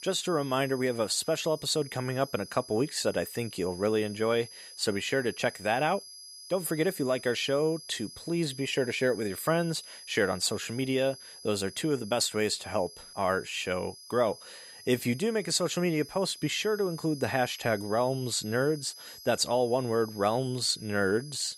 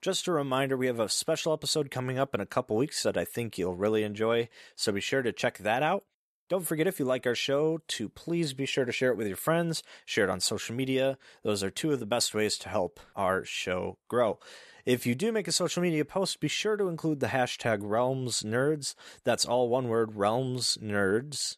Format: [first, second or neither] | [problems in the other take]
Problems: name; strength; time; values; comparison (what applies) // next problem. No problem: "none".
second | high-pitched whine; noticeable; throughout; 5 kHz, 15 dB below the speech